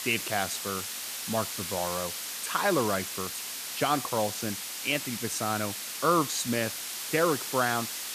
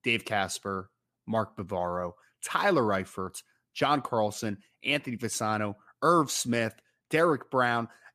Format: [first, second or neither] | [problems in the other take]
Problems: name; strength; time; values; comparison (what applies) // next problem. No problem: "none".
second | hiss; loud; throughout; 3 dB below the speech